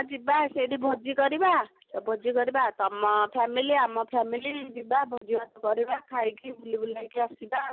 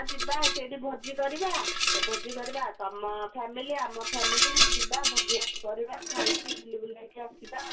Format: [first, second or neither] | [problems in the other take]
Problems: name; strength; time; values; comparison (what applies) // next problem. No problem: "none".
first | background sound (Rattle); 5 dB above the speech // room echo; dies away in 0.2 s